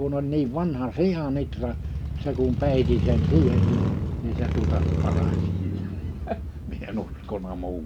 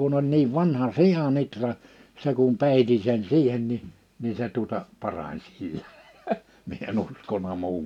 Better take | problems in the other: second | background sound (Motorcycle); 2 dB above the speech

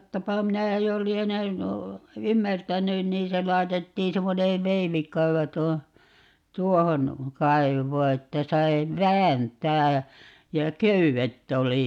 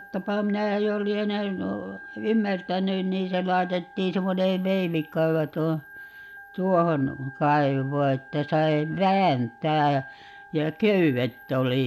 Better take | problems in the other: first | background sound (Organ); 20 dB below the speech

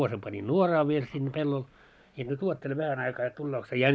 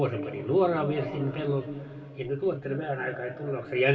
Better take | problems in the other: first | room echo; dies away in 2.4 s

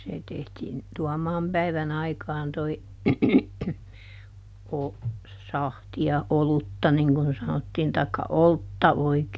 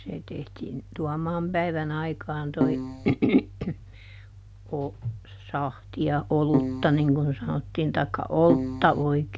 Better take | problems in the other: first | background sound (Keyboard (musical)); 1 dB below the speech

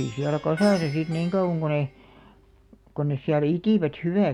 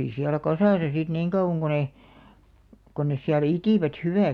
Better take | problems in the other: second | background sound (Plucked string instrument); 20 dB below the speech

